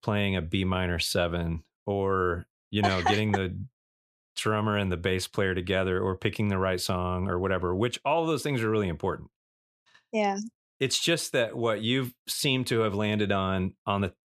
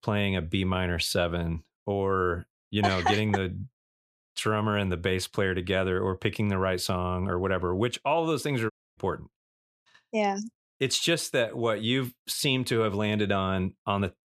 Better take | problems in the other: first | audio cutting out; at 8.5 s

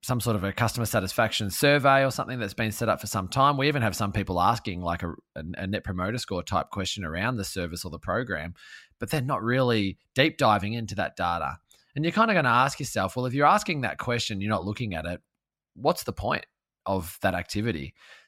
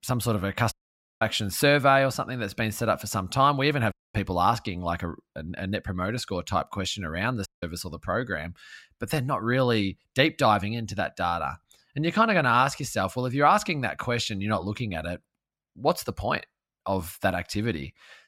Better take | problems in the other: first | audio cutting out; at 0.5 s, at 4 s and at 7.5 s

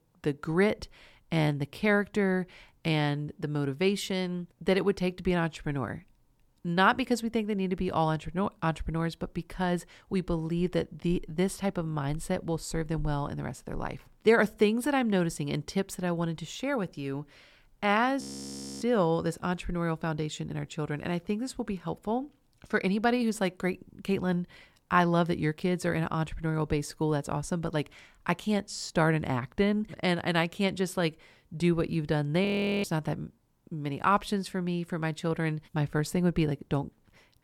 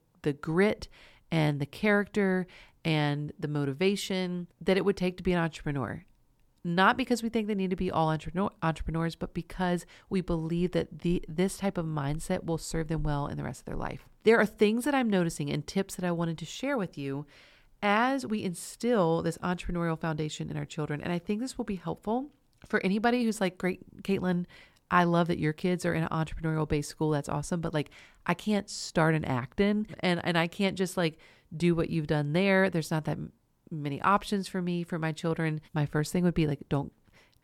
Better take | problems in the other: second | audio freezing; at 18 s for 0.5 s and at 32 s

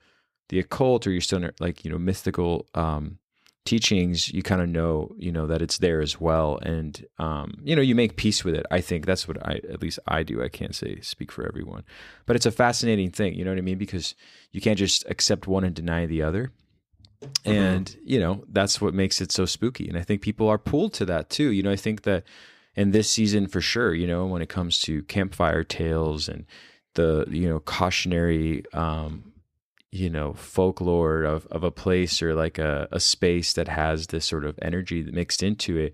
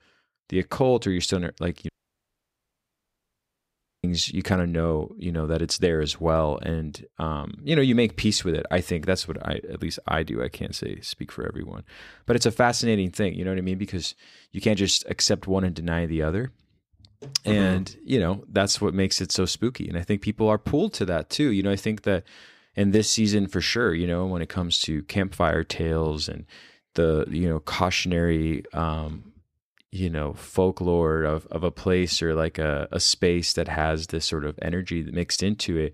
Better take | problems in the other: first | audio cutting out; at 2 s for 2 s

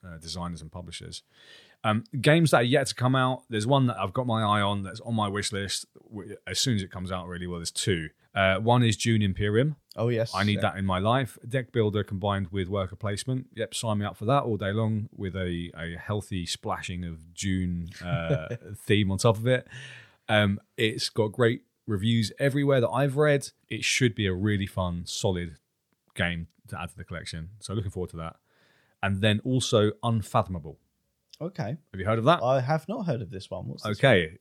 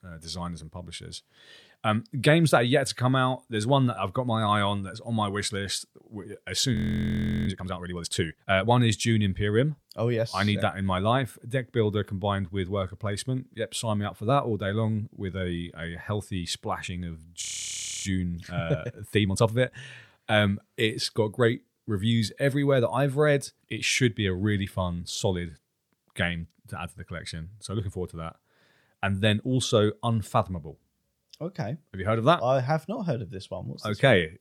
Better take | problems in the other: first | audio freezing; at 7 s for 0.5 s and at 17 s for 0.5 s

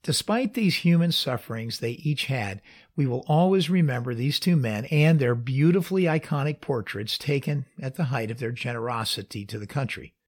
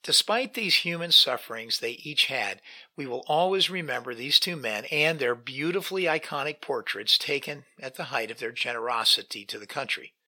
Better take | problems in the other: first | thin; very; fading below 500 Hz

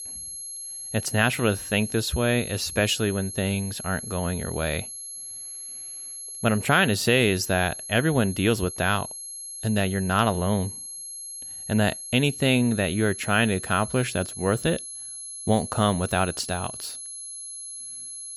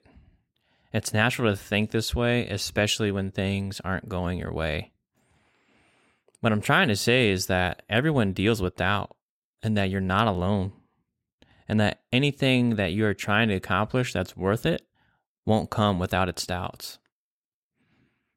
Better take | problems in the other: second | high-pitched whine; loud; throughout; 11 kHz, 10 dB below the speech

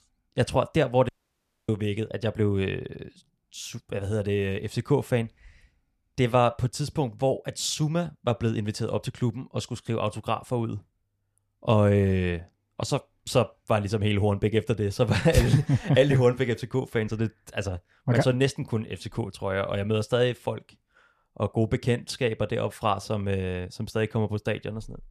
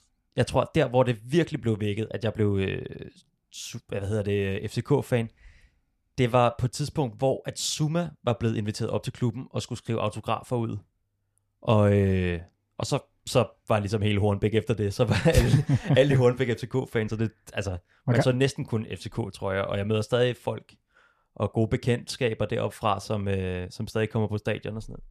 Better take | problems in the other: second | audio cutting out; at 1 s for 0.5 s

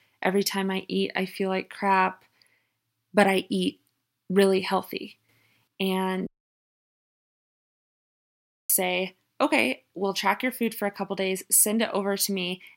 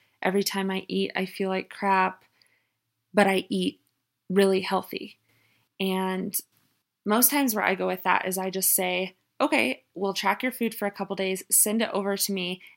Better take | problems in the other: second | audio cutting out; at 6.5 s for 2.5 s

